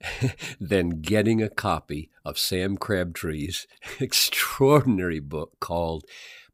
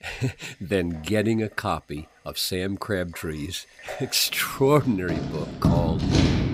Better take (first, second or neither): first